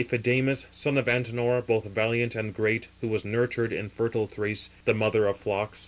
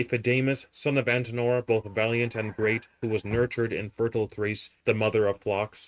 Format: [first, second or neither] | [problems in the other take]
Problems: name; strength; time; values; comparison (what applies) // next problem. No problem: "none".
first | noise reduction (neural mask model RNNoise)